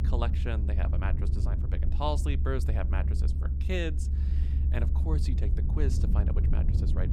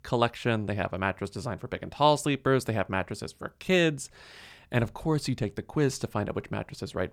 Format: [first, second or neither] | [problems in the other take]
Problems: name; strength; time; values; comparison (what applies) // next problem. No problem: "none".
second | low rumble; loud; throughout; 7 dB below the speech